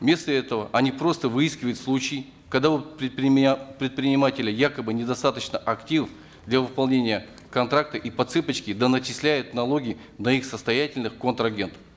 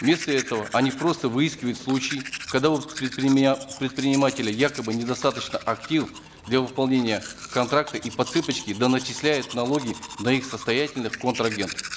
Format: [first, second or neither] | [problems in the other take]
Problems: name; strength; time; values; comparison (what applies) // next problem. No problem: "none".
first | background sound (Domestic sounds, home sounds); 14 dB below the speech